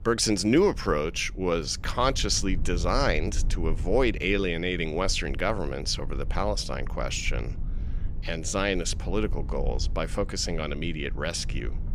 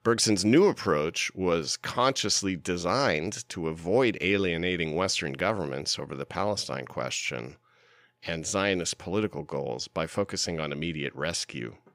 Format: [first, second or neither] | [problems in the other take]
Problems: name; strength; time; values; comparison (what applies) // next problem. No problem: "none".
second | low rumble; faint; throughout; 25 dB below the speech